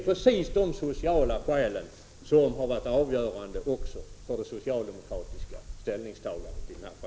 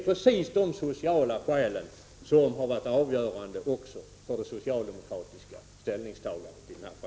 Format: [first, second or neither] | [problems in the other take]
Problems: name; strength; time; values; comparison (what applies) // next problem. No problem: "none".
second | background sound (Thunder / Rain); 10 dB below the speech